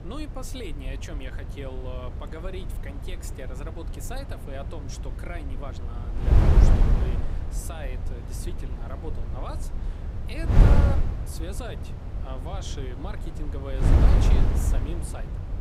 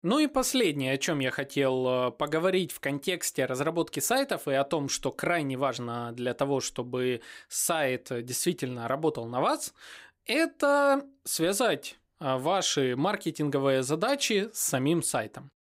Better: second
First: wind noise on the microphone; heavy; 2 dB above the speech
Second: none

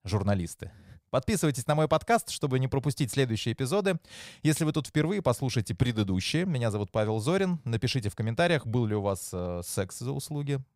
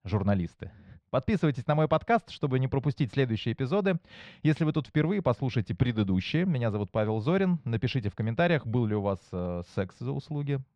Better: first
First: none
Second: muffled; slightly; fading above 3.5 kHz

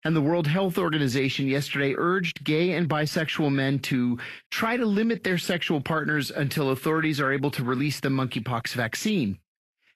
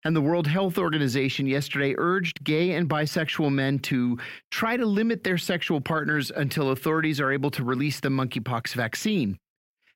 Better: second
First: garbled, watery; slightly; nothing above 13 kHz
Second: none

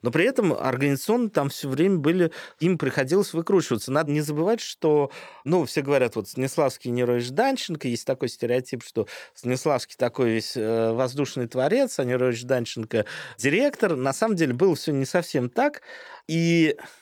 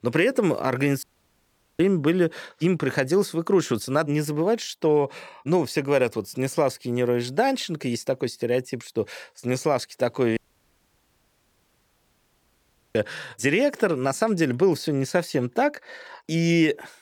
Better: first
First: none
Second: audio cutting out; at 1 s for 1 s and at 10 s for 2.5 s

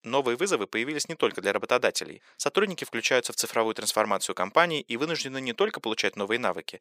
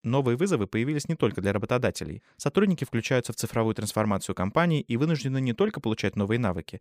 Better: second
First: thin; somewhat; fading below 450 Hz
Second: none

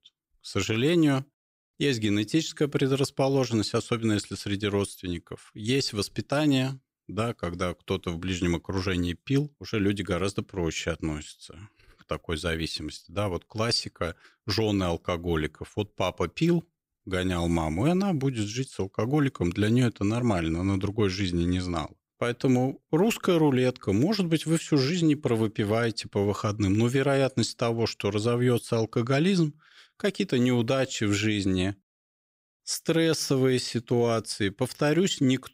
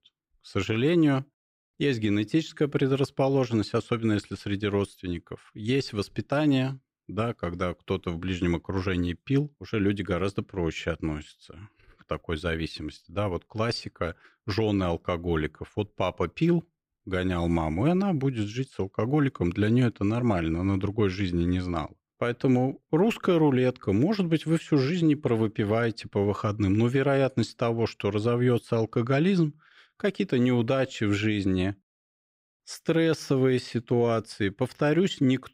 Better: first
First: none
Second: muffled; slightly; fading above 4 kHz

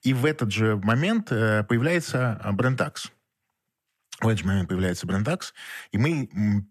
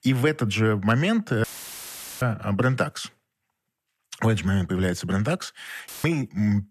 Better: first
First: none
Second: audio cutting out; filled with static; at 1.5 s for 1 s and at 6 s

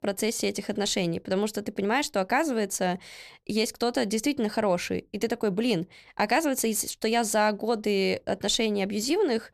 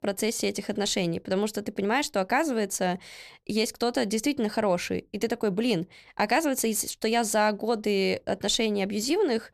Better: neither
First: none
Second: none

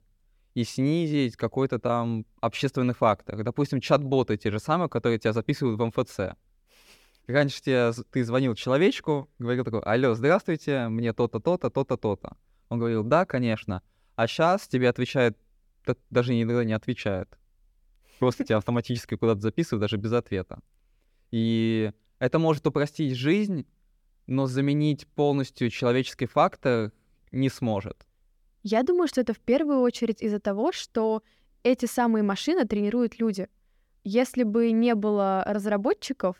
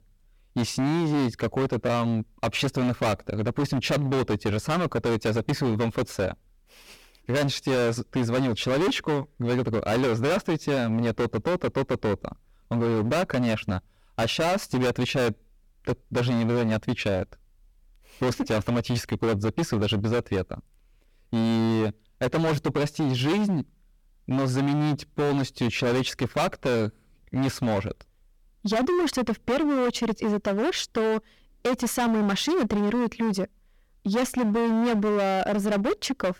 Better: first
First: none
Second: distortion; heavy; 23% of the sound clipped

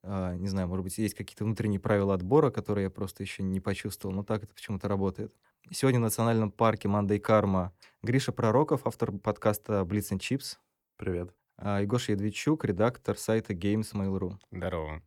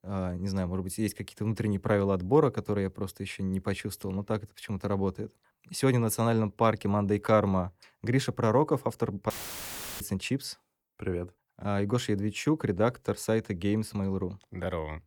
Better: first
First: none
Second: audio cutting out; filled with static; at 9.5 s for 0.5 s

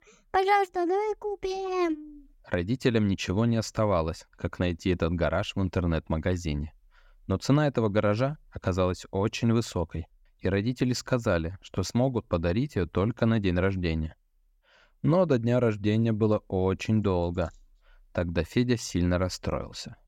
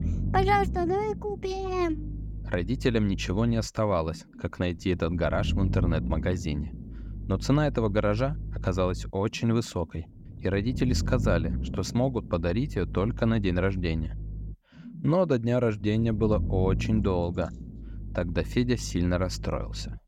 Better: first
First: none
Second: low rumble; noticeable; throughout; 15 dB below the speech

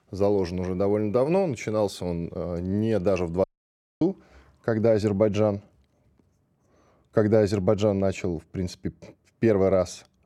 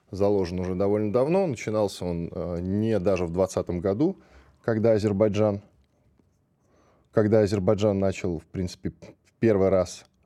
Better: second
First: audio cutting out; at 3.5 s for 0.5 s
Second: none

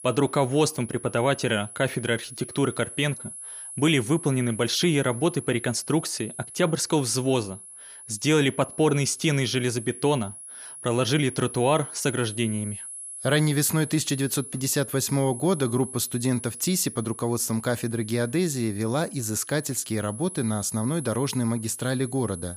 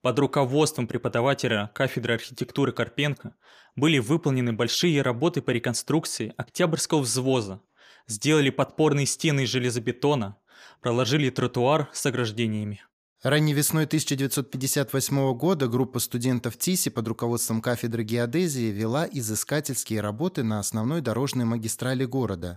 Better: second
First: high-pitched whine; noticeable; throughout; 10.5 kHz, 10 dB below the speech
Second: none

